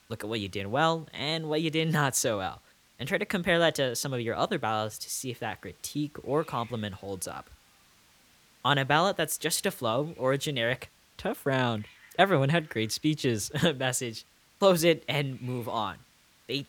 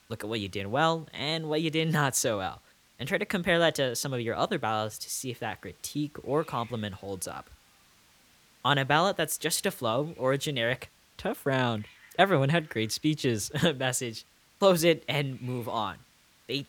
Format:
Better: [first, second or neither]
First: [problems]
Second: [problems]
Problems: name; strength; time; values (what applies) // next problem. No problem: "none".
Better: neither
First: hiss; faint; throughout; 30 dB below the speech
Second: hiss; faint; throughout; 30 dB below the speech